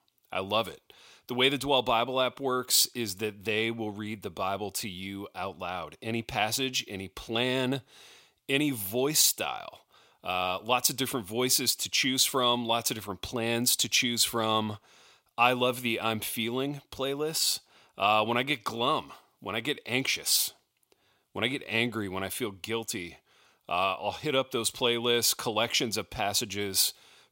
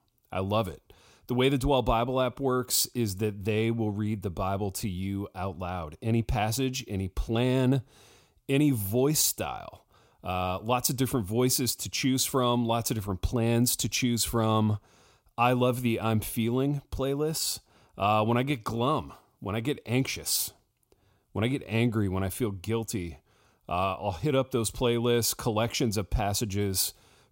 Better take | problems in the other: second | thin; very slightly; fading below 450 Hz

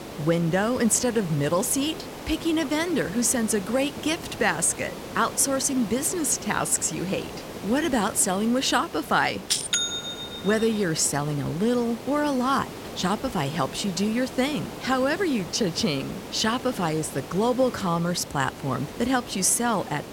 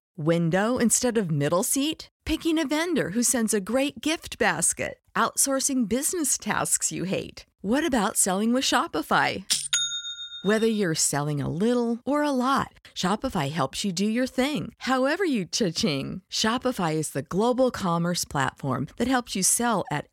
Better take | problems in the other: second | hiss; noticeable; throughout; 15 dB below the speech

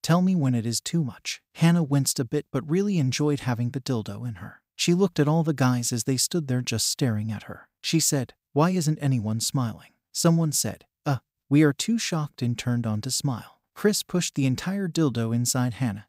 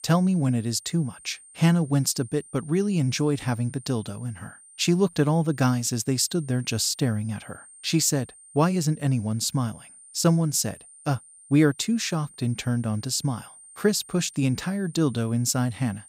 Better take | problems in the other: first | high-pitched whine; faint; throughout; 9 kHz, 20 dB below the speech

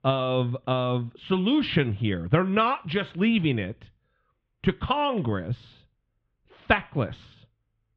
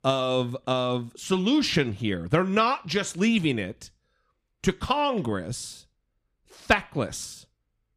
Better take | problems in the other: second | muffled; very; fading above 3.5 kHz

